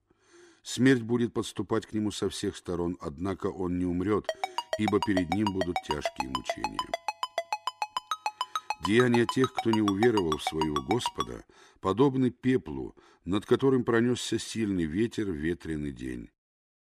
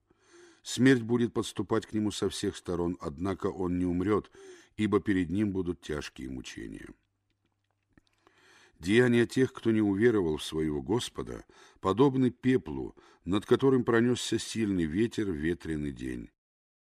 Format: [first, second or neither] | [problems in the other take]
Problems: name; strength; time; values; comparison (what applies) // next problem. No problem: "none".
second | phone ringing; noticeable; from 4.5 to 11 s; peak 4 dB below the speech